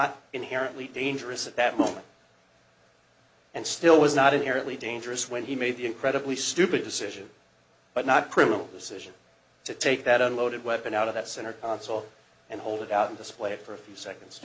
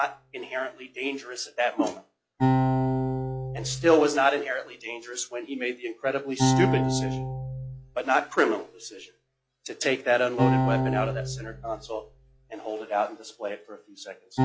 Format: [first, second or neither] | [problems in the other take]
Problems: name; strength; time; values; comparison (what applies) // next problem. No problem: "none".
first | noise reduction (classical method log-MMSE)